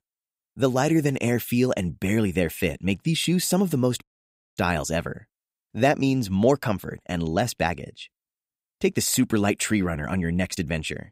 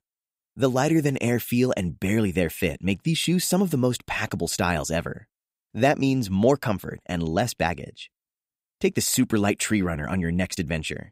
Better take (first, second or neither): second